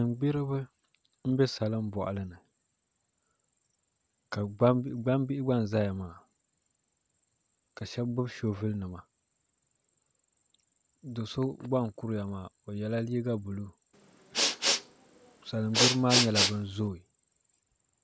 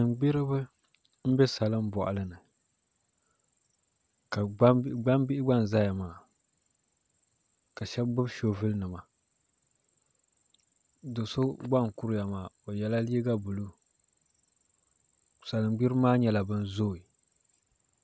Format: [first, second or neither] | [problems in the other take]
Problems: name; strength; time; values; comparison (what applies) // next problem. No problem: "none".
second | background sound (Respiratory sounds); 3 dB above the speech